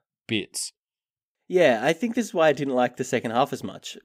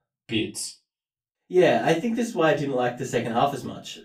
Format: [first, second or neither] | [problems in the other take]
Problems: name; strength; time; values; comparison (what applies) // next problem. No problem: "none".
first | off-mic speech; far // room echo; very slight; dies away in 0.2 s